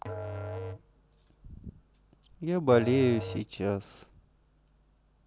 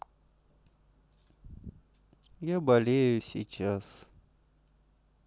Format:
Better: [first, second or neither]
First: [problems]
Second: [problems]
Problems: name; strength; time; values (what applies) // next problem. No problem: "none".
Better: second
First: background sound (Musical instrument); 10 dB below the speech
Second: none